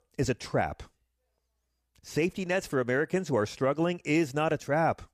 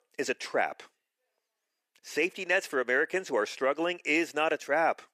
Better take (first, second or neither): first